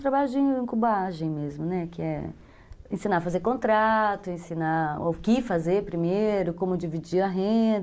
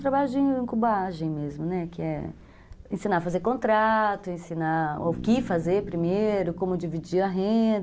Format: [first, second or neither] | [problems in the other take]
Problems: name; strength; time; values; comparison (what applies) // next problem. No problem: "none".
first | background sound (Bass guitar); 18 dB below the speech